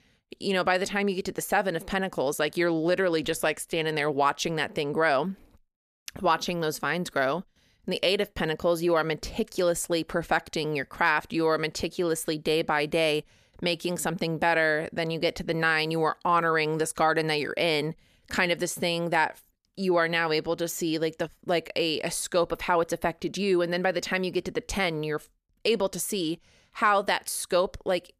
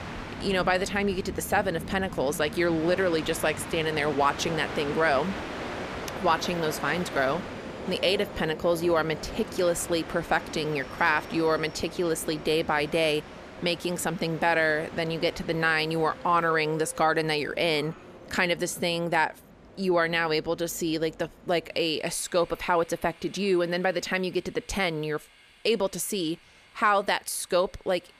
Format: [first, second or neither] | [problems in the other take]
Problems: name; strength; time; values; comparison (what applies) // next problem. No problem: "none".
first | train or aircraft noise; noticeable; throughout; 10 dB below the speech